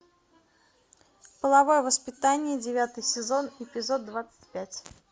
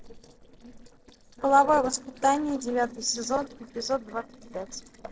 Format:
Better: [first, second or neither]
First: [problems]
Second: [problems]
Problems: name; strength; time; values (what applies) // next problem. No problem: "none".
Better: first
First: none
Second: noise reduction (neural separator model SepFormer DNS4)